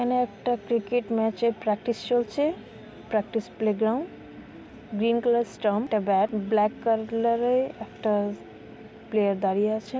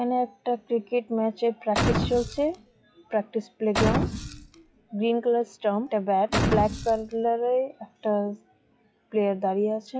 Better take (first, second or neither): first